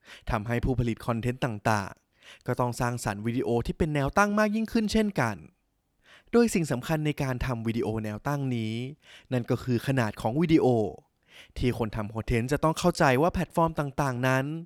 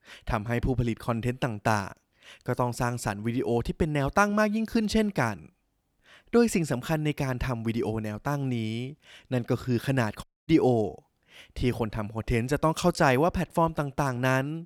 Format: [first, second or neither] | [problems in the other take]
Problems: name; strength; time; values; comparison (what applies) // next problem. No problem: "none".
first | audio cutting out; at 10 s